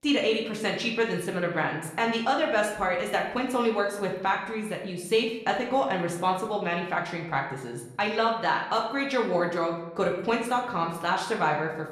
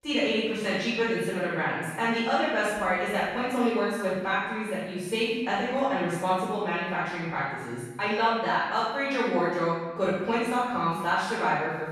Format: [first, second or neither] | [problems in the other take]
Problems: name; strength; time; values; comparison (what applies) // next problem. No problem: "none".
first | room echo; strong; dies away in 1.1 s; slight in the first // off-mic speech; far; somewhat distant in the first